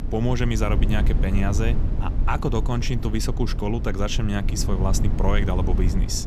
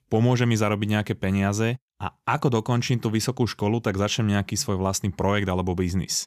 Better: second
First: low rumble; loud; throughout; 9 dB below the speech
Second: none

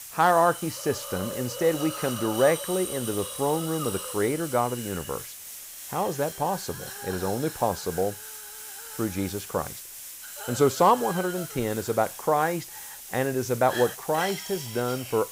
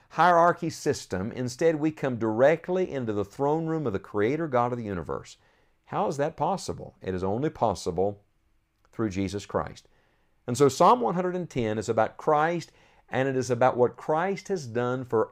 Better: second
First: hiss; loud; throughout; 9 dB below the speech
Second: none

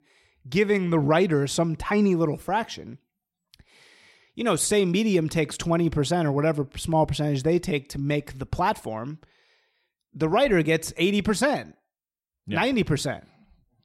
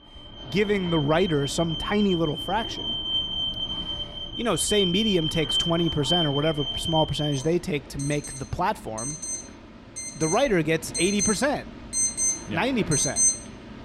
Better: first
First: none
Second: alarms or sirens; loud; throughout; 2 dB below the speech

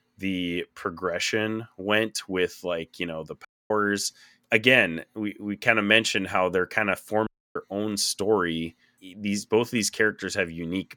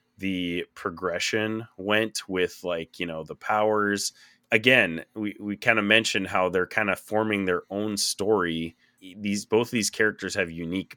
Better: second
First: audio cutting out; at 3.5 s and at 7.5 s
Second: none

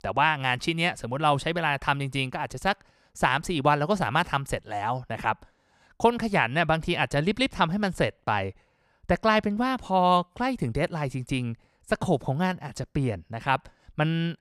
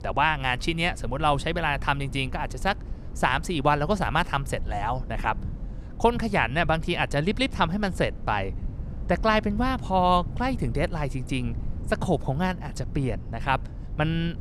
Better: first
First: none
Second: low rumble; faint; throughout; 25 dB below the speech

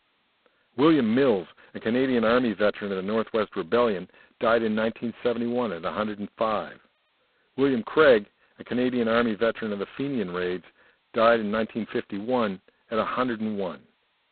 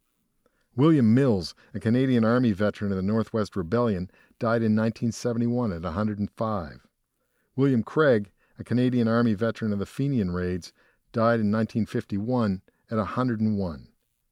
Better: second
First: phone-call audio; poor line; nothing above 4 kHz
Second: none

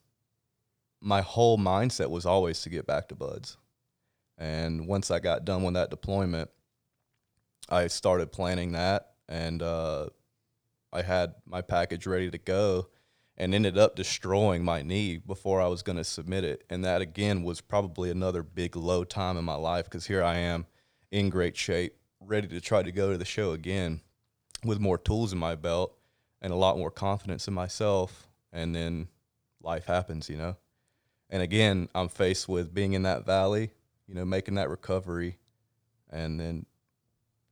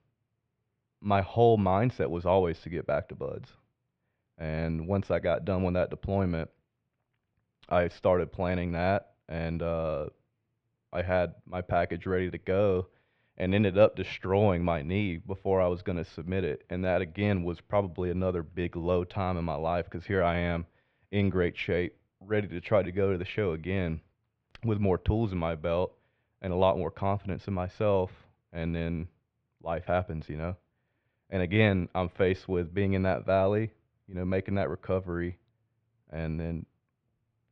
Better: first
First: none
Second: muffled; very; fading above 2.5 kHz

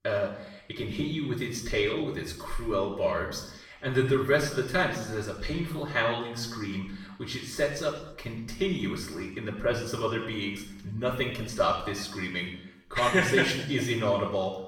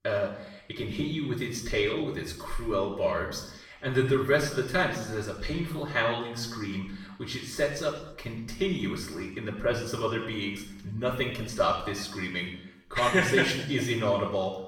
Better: neither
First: room echo; noticeable; dies away in 0.7 s // off-mic speech; far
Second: room echo; noticeable; dies away in 0.7 s // off-mic speech; far

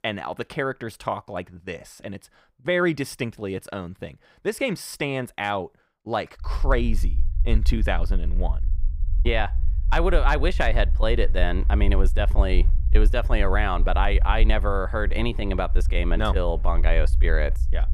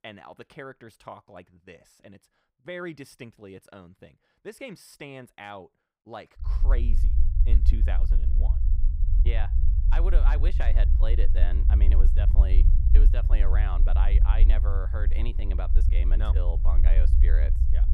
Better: first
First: low rumble; faint; from 6.5 s on; 20 dB below the speech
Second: low rumble; loud; from 6.5 s on; 5 dB below the speech

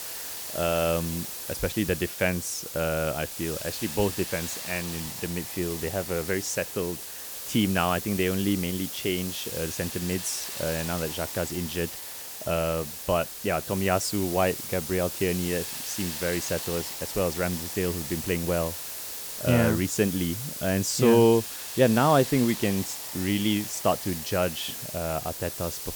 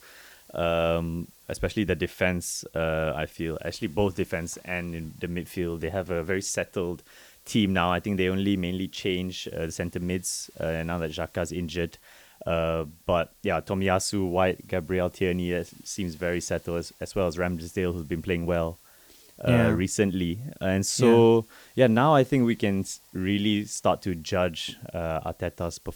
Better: second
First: hiss; loud; throughout; 6 dB below the speech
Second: hiss; faint; throughout; 25 dB below the speech

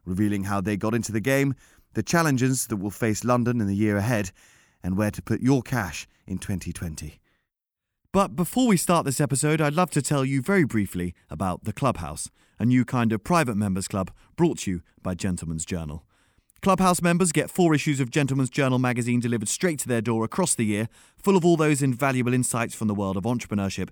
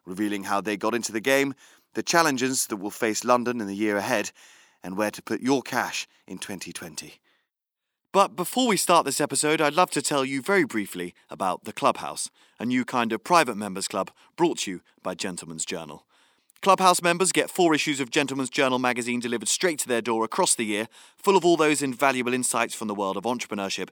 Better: first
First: none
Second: thin; somewhat; fading below 350 Hz

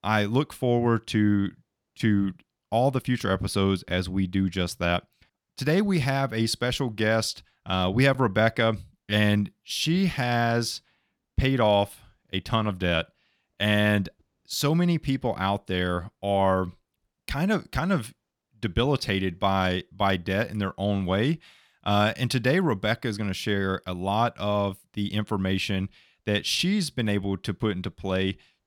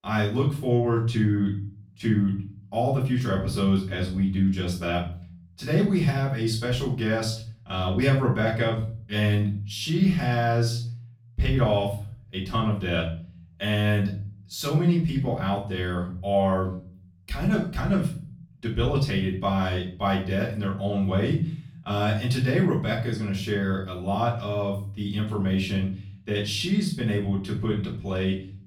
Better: first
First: none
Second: off-mic speech; far // room echo; slight; dies away in 0.5 s

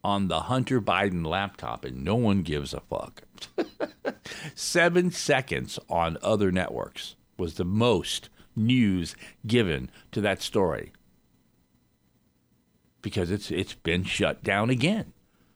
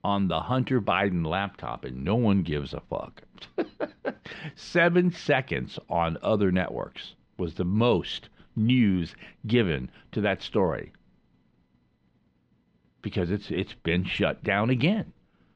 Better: first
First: none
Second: muffled; slightly; fading above 3.5 kHz

